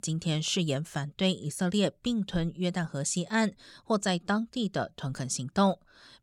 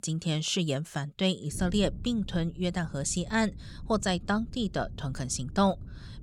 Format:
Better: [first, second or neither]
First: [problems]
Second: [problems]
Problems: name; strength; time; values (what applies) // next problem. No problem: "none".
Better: first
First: none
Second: wind noise on the microphone; occasional gusts; from 1.5 s on; 25 dB below the speech